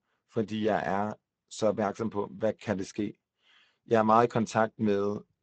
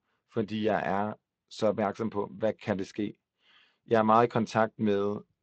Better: second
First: garbled, watery; badly; nothing above 8 kHz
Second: garbled, watery; slightly; nothing above 8 kHz

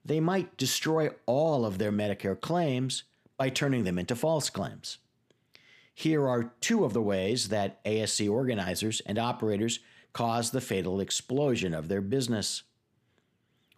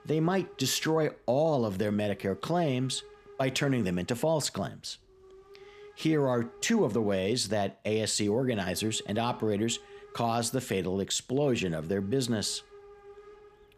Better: first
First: none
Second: hiss; faint; throughout; 25 dB below the speech

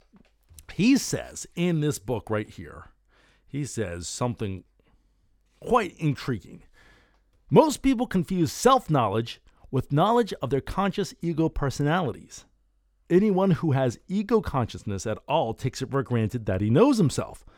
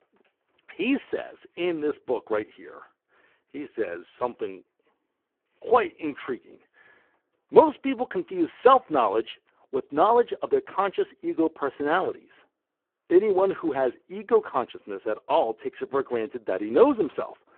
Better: first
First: none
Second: phone-call audio; poor line

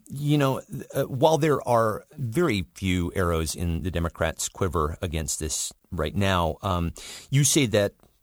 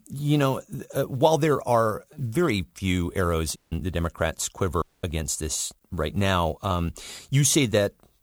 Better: first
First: none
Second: audio cutting out; at 3.5 s and at 5 s

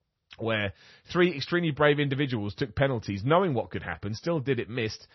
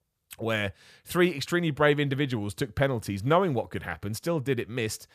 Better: second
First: garbled, watery; slightly; nothing above 6 kHz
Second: none

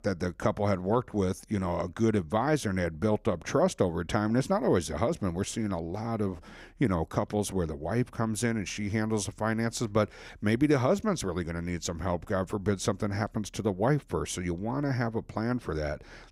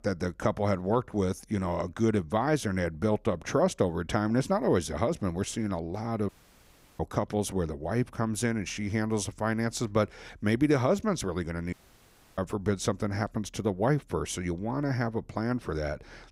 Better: first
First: none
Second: audio cutting out; at 6.5 s for 0.5 s and at 12 s for 0.5 s

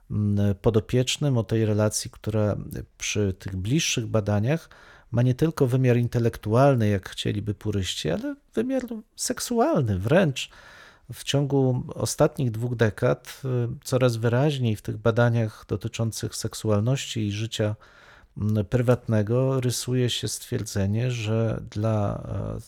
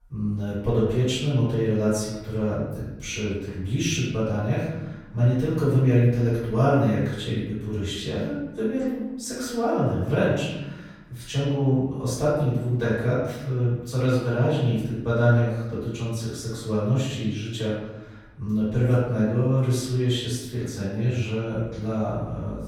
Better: first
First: none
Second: off-mic speech; far // room echo; noticeable; dies away in 1 s

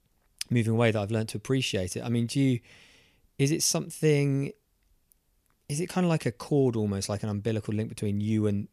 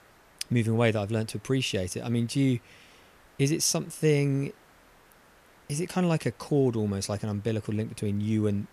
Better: first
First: none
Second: hiss; faint; throughout; 30 dB below the speech

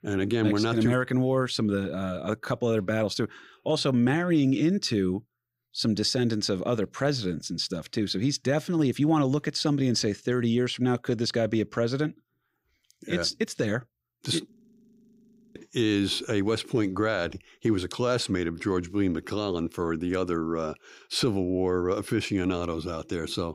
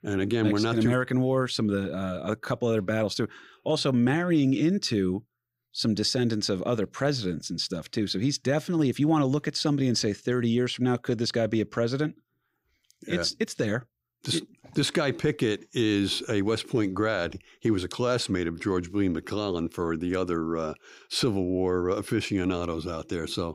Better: second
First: audio freezing; at 15 s for 1 s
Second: none

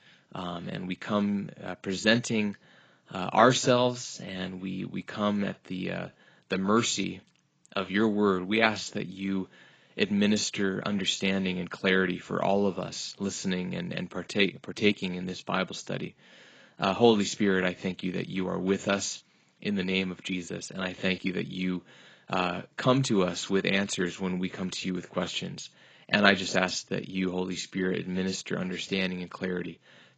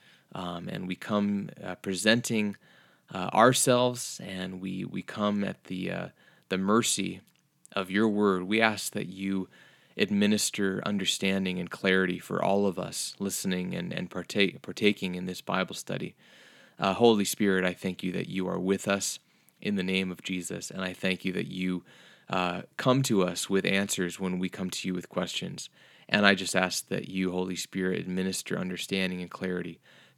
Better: second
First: garbled, watery; badly; nothing above 7.5 kHz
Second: none

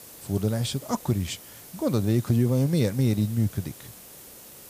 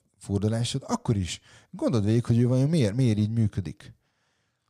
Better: second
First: hiss; noticeable; throughout; 20 dB below the speech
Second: none

